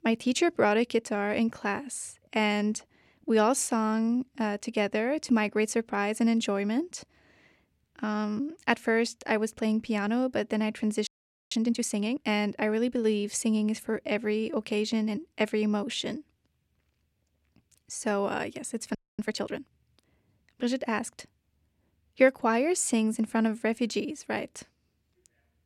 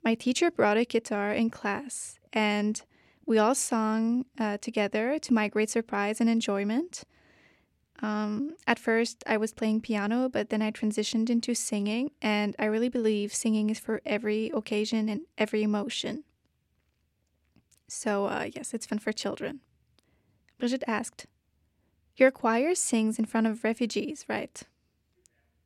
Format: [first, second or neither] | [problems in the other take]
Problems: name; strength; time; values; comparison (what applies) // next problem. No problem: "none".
second | audio freezing; at 11 s and at 19 s